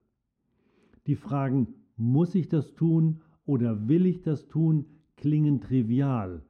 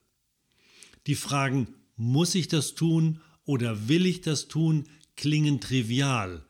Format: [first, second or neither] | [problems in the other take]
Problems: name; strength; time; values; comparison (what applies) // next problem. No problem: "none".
second | muffled; very; fading above 2 kHz